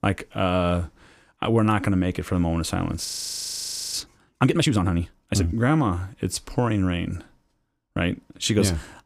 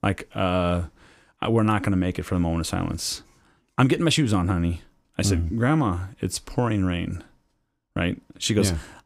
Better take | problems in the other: second | audio freezing; at 3 s for 1 s

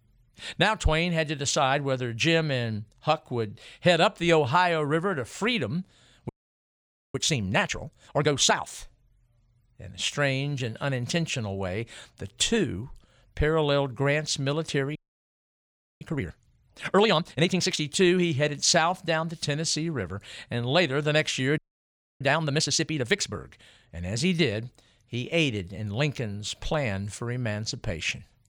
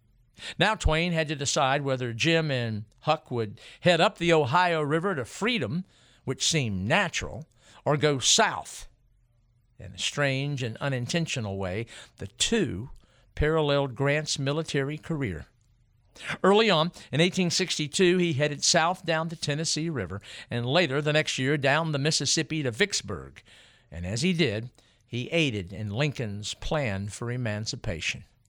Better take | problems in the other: second | audio freezing; at 6.5 s for 1 s, at 15 s for 1 s and at 22 s for 0.5 s

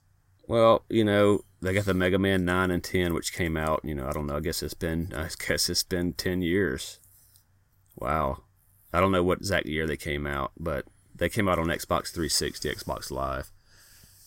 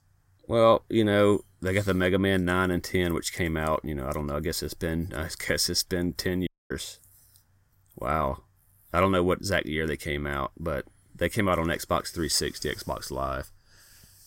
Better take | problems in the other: first | audio cutting out; at 6.5 s

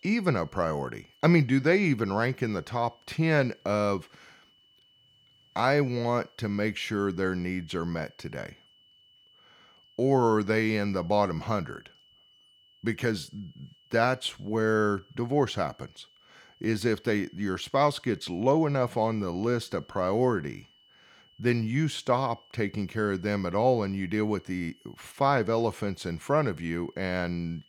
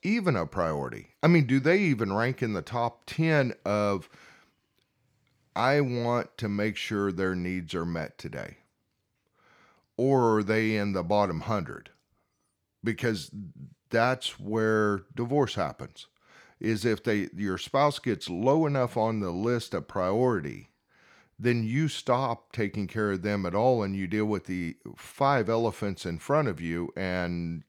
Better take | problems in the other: second | high-pitched whine; faint; throughout; 3 kHz, 30 dB below the speech

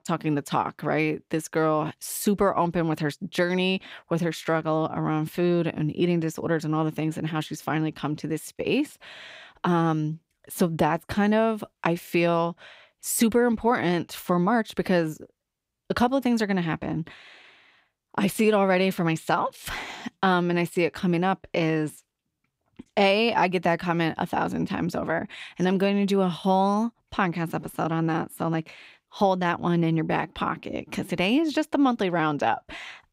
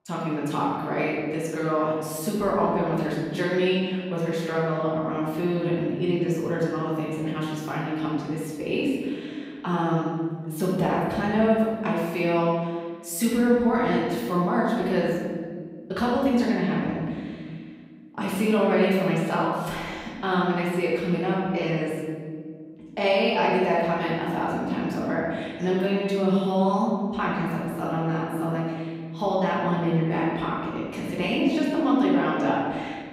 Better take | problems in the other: first | room echo; strong; dies away in 1.7 s // off-mic speech; far

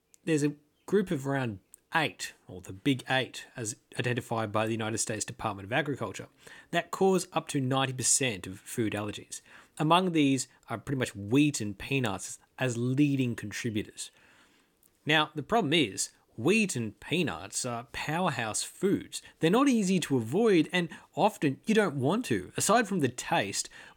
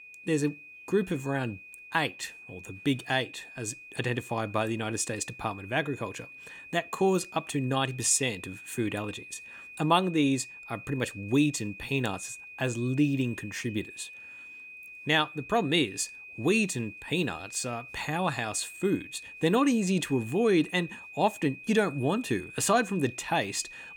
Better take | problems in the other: first | high-pitched whine; noticeable; throughout; 2.5 kHz, 15 dB below the speech

